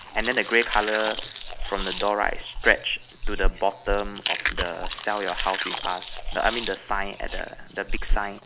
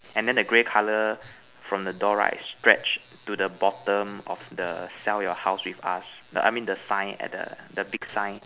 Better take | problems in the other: second | background sound (Chewing, mastication); 1 dB below the speech

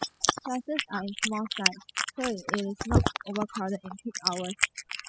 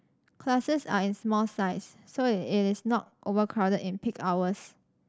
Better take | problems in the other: second | noise reduction (classical method spectral subtraction)

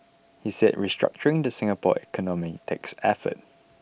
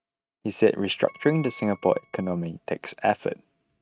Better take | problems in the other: first | noise reduction (neural mask model RNNoise)

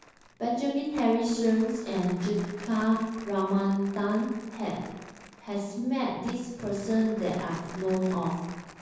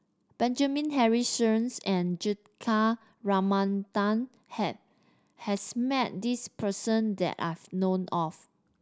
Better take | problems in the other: second | background sound (Crumpling, crinkling); 18 dB below the speech // room echo; dies away in 1.1 s

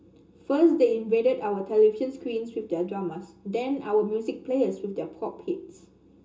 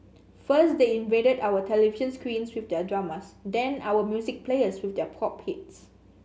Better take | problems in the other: second | room echo; dies away in 0.2 s

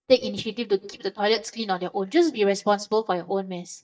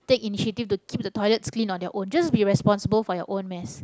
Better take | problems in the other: second | noise reduction (neural mask model DeepFilterNet 3)

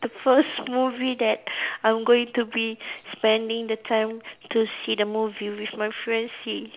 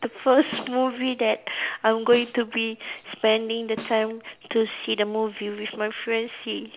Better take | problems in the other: first | background sound (Snare drum); 19 dB below the speech

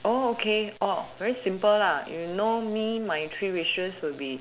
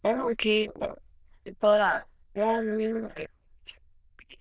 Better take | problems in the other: first | noise reduction (neural diffusion model UNIVERSE++)

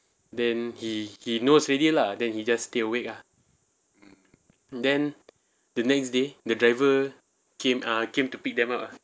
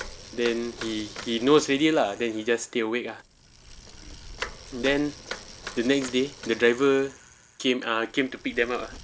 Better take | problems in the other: first | background sound (Bicycle); 15 dB below the speech

